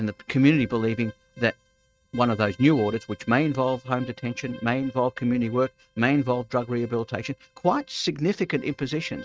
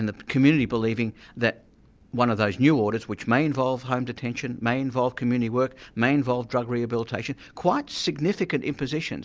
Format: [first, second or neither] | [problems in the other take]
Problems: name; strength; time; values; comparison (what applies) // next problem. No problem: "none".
second | noise reduction (neural mask model RNNoise)